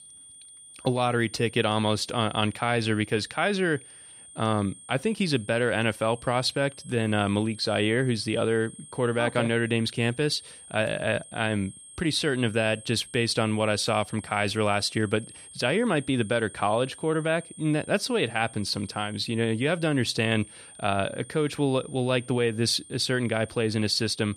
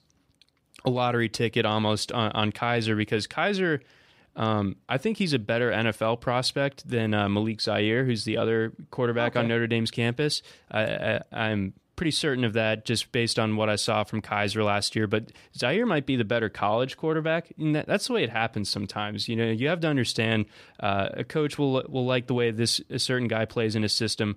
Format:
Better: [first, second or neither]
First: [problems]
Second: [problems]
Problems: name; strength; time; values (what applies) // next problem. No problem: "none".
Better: second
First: high-pitched whine; noticeable; throughout; 8.5 kHz, 20 dB below the speech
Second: none